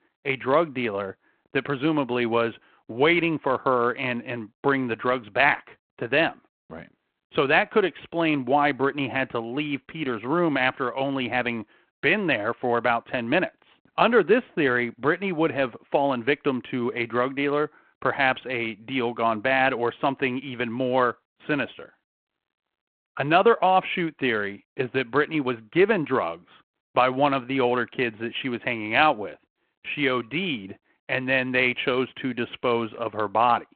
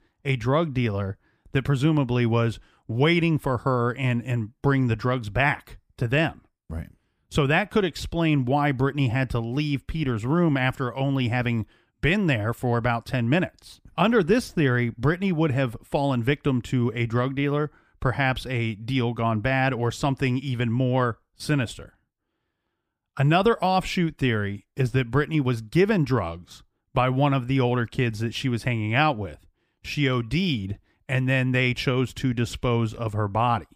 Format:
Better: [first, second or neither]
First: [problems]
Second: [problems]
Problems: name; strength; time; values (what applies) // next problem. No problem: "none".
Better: second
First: phone-call audio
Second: none